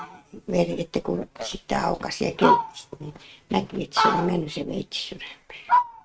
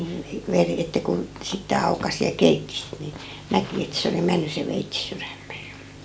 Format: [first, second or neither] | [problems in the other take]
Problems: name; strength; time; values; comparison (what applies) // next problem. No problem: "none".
second | noise reduction (neural mask model RNNoise)